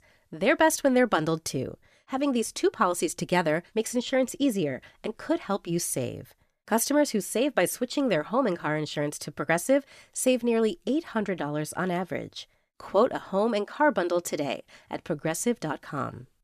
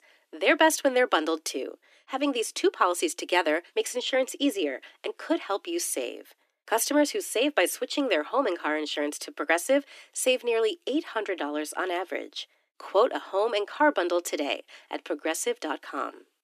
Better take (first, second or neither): first